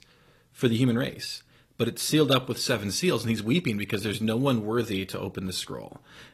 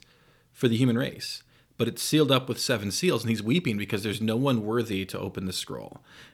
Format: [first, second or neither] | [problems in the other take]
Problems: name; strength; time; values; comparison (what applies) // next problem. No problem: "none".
second | garbled, watery; slightly; nothing above 12.5 kHz